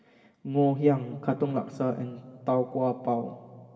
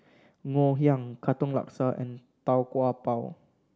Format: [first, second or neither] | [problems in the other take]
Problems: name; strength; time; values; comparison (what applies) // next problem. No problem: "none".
second | room echo; dies away in 1.7 s